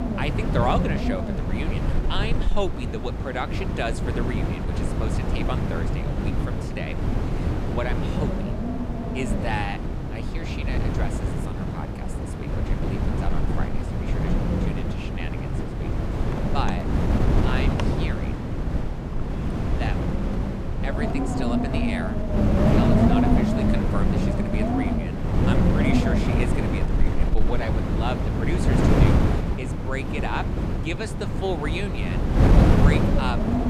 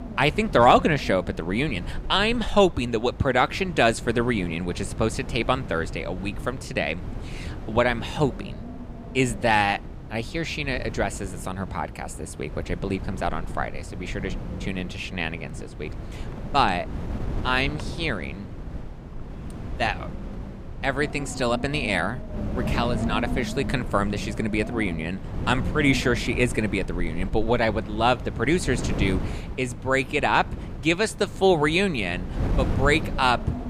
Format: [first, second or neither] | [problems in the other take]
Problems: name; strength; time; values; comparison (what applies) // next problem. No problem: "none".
second | wind noise on the microphone; heavy; 2 dB above the speech; occasional gusts in the second